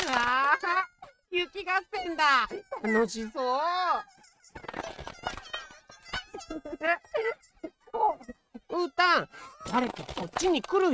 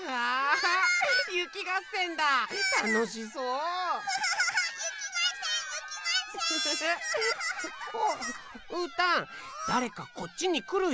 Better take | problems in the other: second | noise reduction (neural mask model RNNoise)

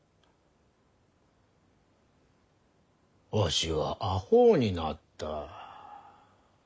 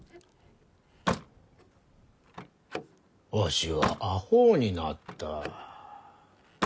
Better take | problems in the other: first | background sound (Slam); 8 dB below the speech

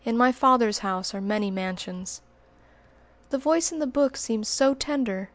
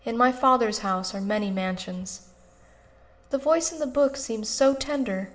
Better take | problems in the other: first | room echo; dies away in 1.6 s

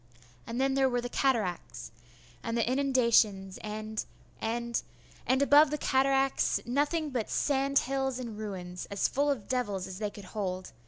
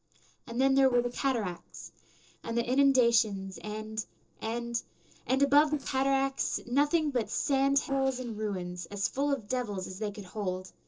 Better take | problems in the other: first | noise reduction (neural separator model SepFormer DNS4)

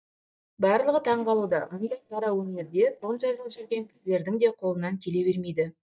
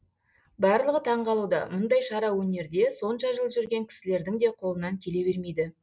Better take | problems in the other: second | noise reduction (neural mask model DeepFilterNet 3)

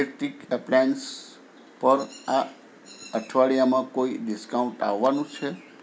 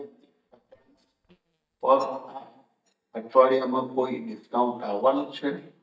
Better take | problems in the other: first | noise reduction (neural mask model DeepFilterNet 3)

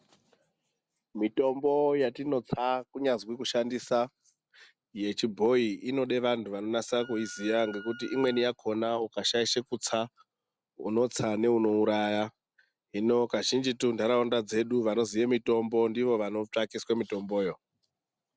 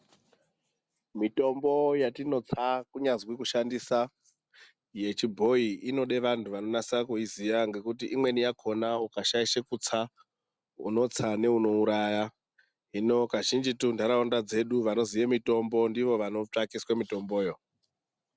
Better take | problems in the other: second | background sound (Wind instrument, woodwind instrument); 19 dB below the speech

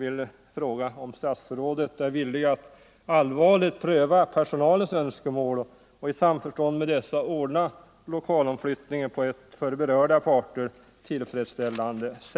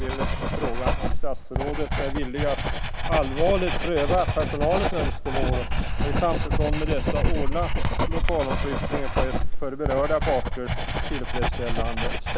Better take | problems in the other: first | background sound (Writing); 5 dB above the speech

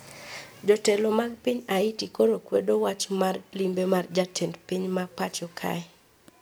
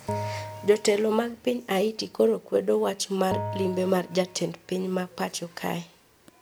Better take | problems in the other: first | background sound (Bell); 11 dB below the speech

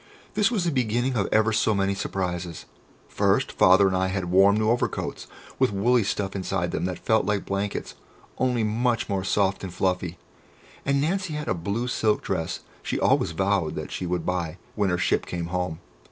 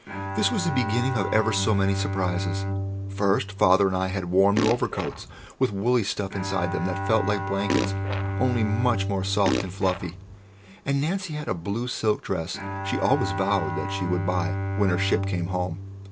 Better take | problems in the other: first | background sound (Bowed string instrument + Fart); 4 dB below the speech

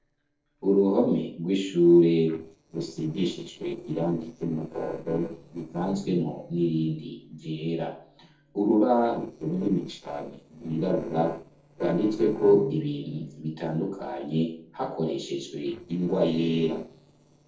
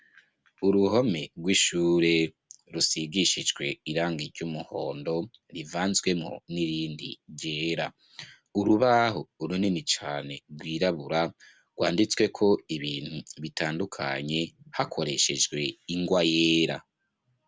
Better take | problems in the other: second | noise reduction (neural separator model SepFormer DNS4)

